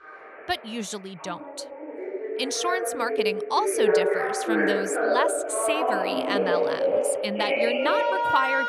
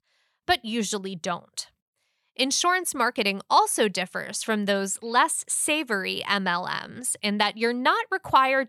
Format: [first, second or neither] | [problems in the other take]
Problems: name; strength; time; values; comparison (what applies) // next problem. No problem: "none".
second | alarms or sirens; very loud; throughout; 4 dB above the speech